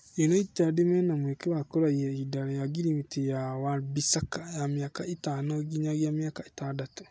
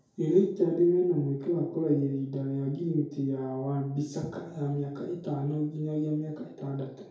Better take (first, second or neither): first